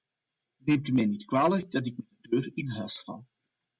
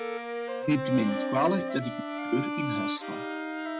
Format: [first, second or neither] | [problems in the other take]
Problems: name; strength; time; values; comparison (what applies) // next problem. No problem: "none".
first | background sound (Bowed string instrument + Wind instrument, woodwind instrument); 2 dB below the speech